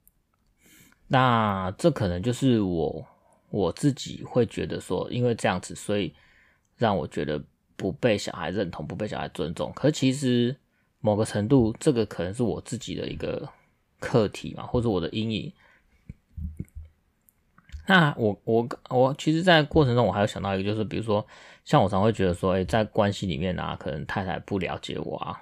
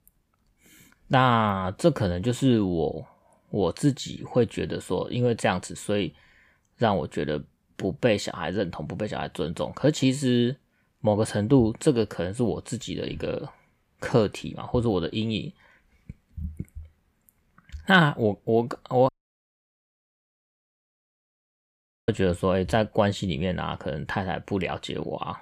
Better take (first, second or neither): first